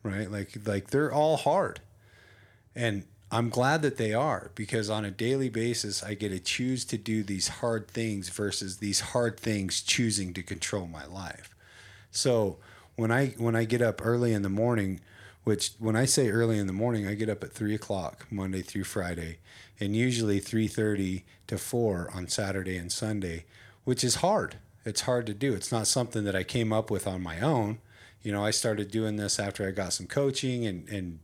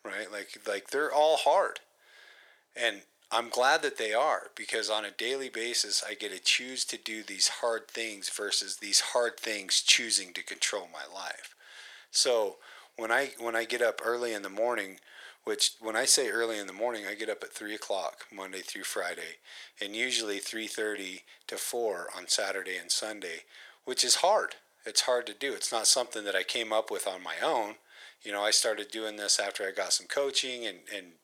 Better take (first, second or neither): first